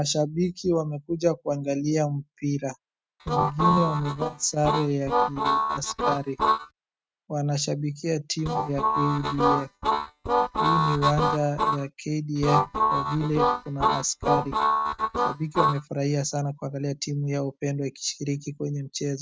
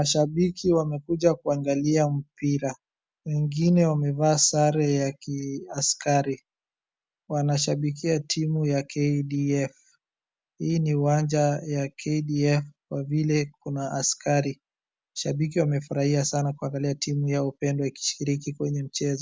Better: second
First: noise reduction (neural mask model RNNoise)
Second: none

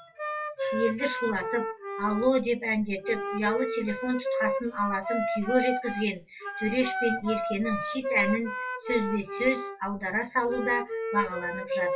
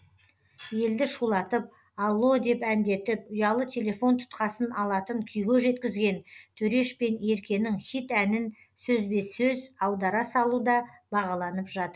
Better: second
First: noise reduction (classical method WPE with log-MMSE)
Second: none

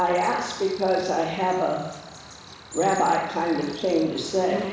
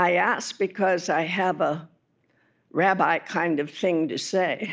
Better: second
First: background sound (Cricket); 14 dB below the speech // room echo; dies away in 1 s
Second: none

